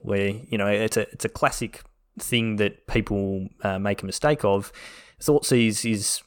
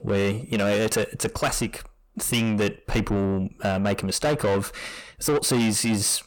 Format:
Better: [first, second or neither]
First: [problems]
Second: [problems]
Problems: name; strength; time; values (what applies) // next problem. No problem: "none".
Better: first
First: none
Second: distortion; heavy; 7 dB below the speech